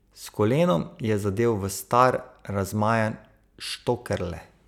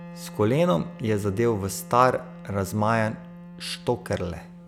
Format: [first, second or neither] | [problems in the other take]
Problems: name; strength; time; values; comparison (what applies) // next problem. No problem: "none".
first | background sound (Wind instrument, woodwind instrument); 16 dB below the speech